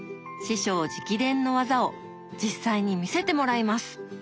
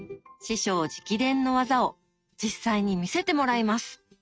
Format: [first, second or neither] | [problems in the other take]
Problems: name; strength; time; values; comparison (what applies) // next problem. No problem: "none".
first | noise reduction (neural mask model RNNoise)